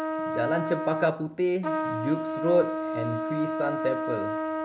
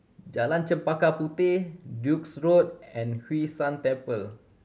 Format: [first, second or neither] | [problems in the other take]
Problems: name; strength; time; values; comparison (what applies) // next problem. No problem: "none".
second | background sound (Trumpet); 2 dB below the speech